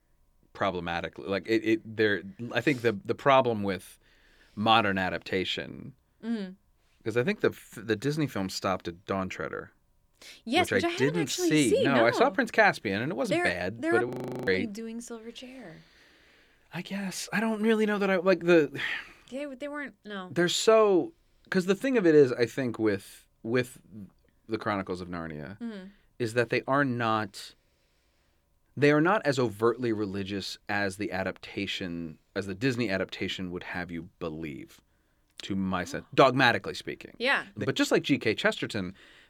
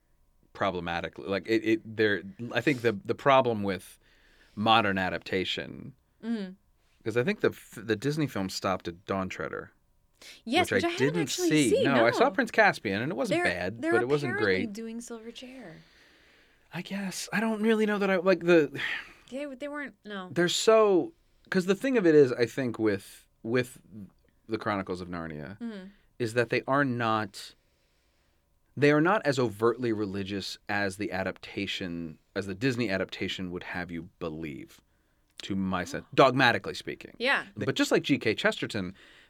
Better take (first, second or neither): second